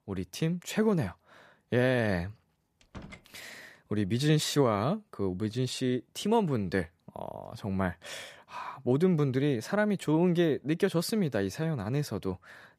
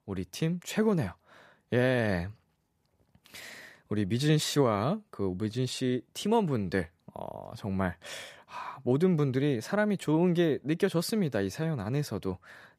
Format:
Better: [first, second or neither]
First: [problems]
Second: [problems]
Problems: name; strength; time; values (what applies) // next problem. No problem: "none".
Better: second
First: door banging; faint; at 3 s; peak 20 dB below the speech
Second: none